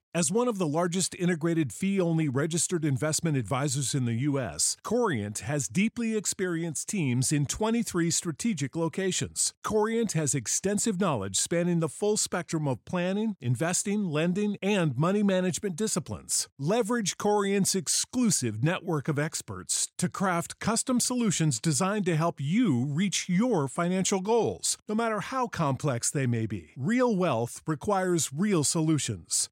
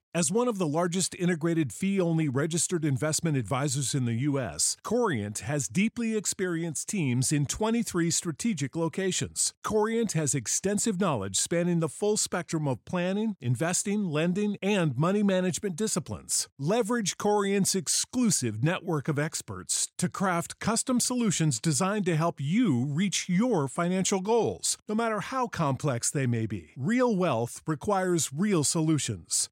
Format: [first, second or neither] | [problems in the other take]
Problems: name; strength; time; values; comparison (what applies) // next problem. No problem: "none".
neither | none